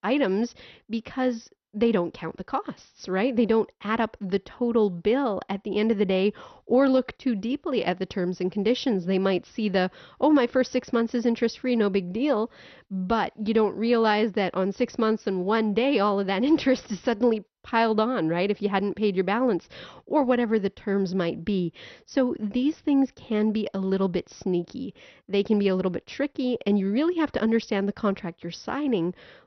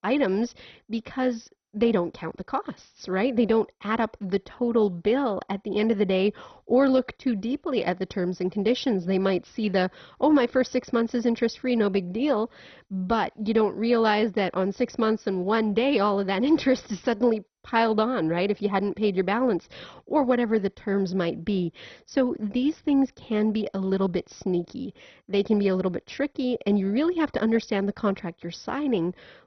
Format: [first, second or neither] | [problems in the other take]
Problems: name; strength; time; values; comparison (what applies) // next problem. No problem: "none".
first | garbled, watery; badly; nothing above 6 kHz; slightly in the first